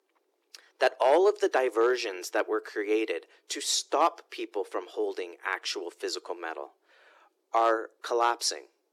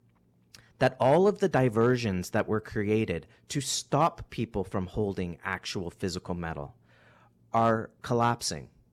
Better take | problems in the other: second | thin; very; fading below 300 Hz

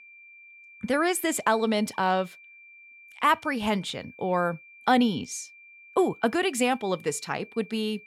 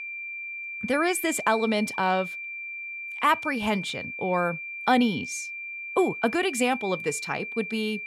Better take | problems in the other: first | high-pitched whine; loud; throughout; 2.5 kHz, 7 dB below the speech; faint in the first

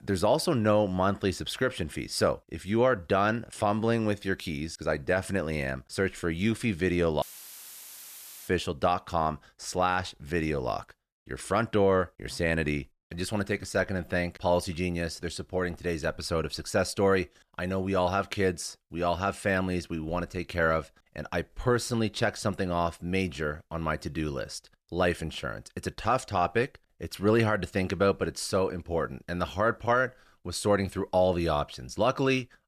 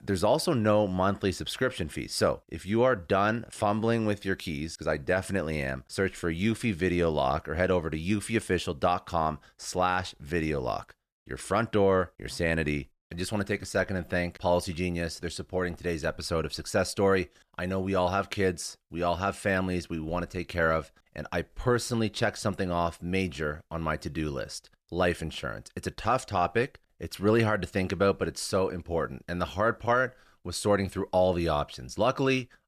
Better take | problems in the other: second | audio cutting out; filled with static; at 7 s for 1.5 s

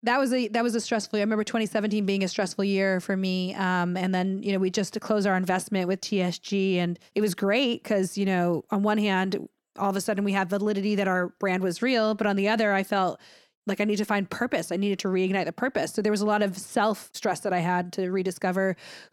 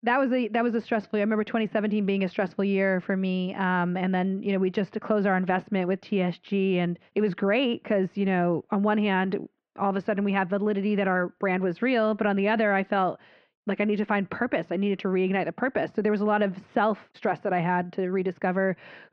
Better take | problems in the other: first | muffled; very; fading above 3 kHz

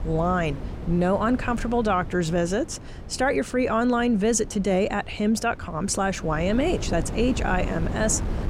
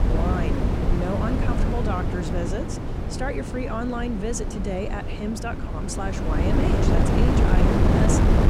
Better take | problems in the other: first | wind noise on the microphone; heavy; 2 dB above the speech; occasional gusts in the first

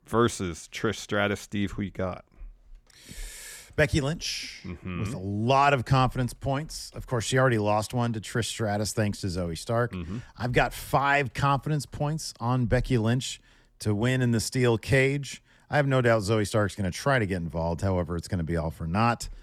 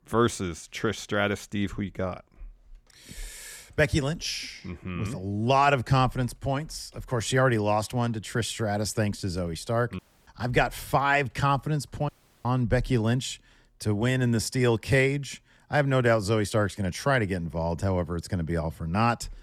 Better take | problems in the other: first | audio cutting out; at 10 s and at 12 s

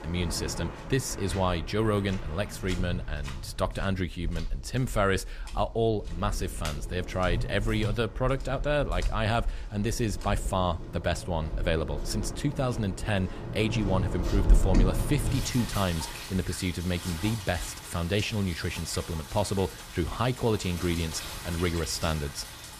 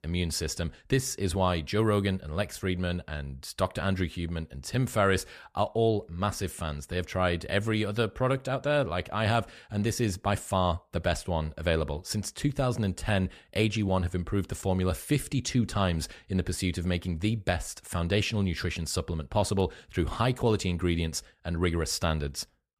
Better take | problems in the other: second | rain or running water; loud; throughout; 6 dB below the speech

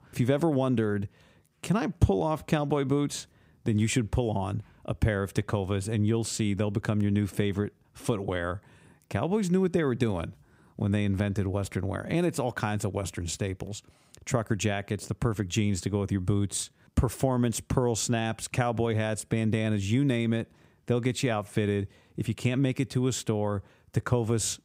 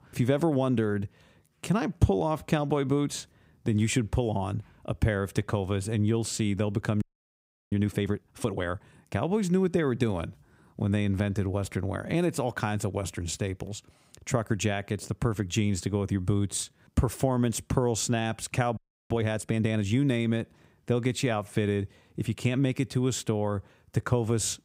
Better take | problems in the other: first | audio freezing; at 7 s for 0.5 s and at 19 s

